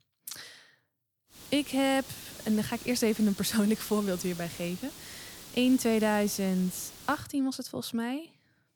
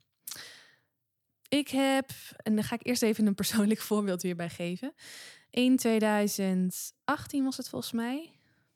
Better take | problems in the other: second | hiss; noticeable; from 1.5 to 7 s; 15 dB below the speech

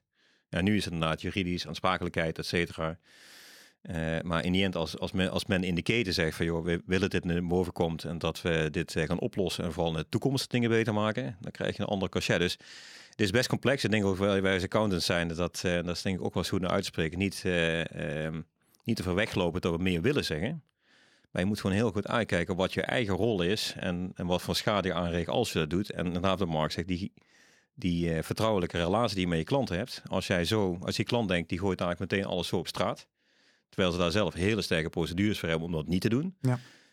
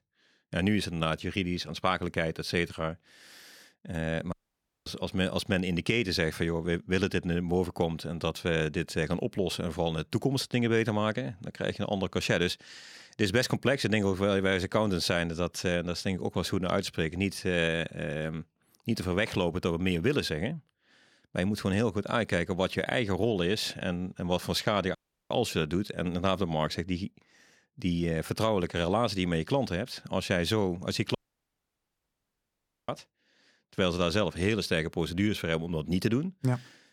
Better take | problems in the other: first | audio cutting out; at 4.5 s for 0.5 s, at 25 s and at 31 s for 1.5 s

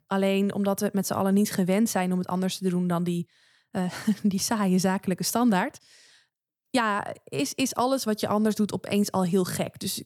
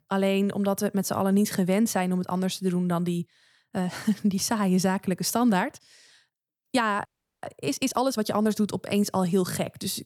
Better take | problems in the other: first | audio freezing; at 7 s

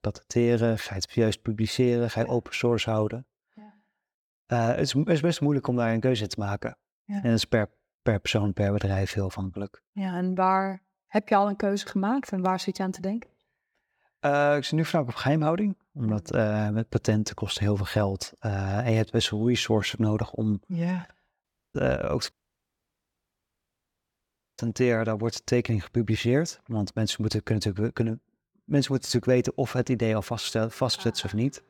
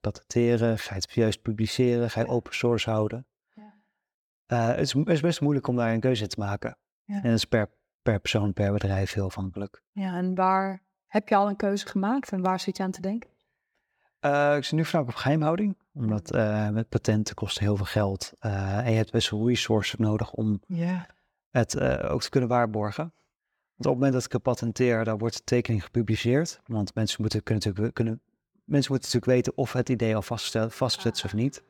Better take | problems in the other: second | audio cutting out; at 21 s and at 22 s for 2.5 s

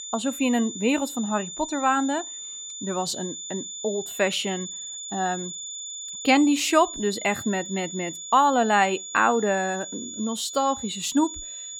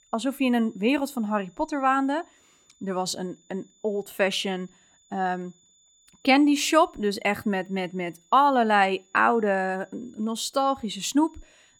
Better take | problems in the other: second | high-pitched whine; loud; throughout; 7 kHz, 9 dB below the speech; faint in the second

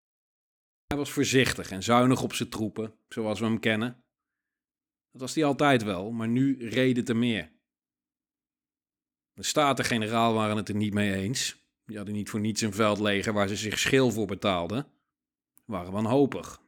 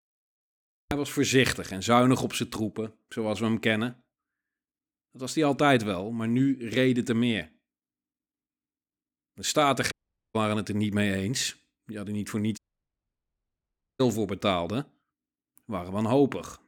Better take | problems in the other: first | audio cutting out; at 10 s and at 13 s for 1.5 s

